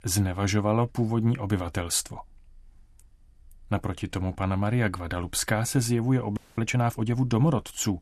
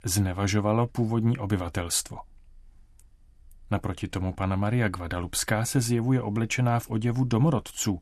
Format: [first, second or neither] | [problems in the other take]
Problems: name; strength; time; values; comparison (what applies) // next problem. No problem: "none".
second | audio freezing; at 6.5 s